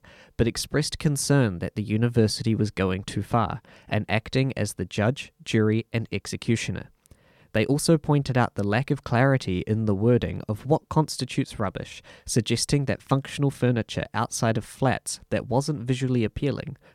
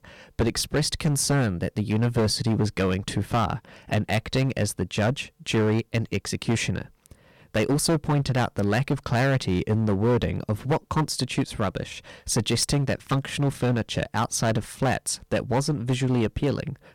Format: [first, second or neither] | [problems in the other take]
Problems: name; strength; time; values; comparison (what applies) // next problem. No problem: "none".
first | distortion; heavy; 9% of the sound clipped